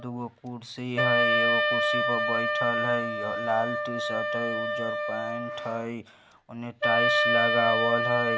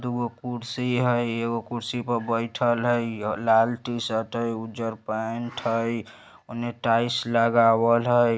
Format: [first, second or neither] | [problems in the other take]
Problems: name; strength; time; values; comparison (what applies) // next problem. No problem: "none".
second | background sound (Wind instrument, woodwind instrument); 4 dB above the speech